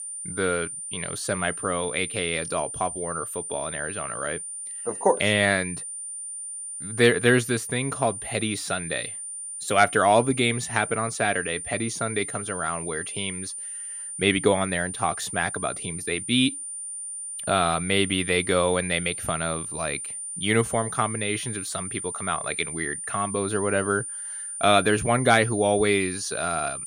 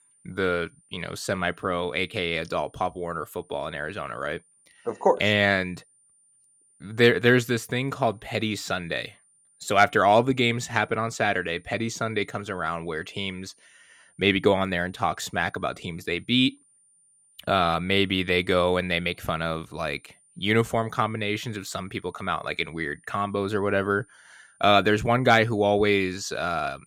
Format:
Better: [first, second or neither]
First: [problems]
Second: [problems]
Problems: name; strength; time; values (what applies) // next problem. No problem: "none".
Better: second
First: high-pitched whine; loud; throughout; 9 kHz, 7 dB below the speech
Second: high-pitched whine; faint; throughout; 9 kHz, 35 dB below the speech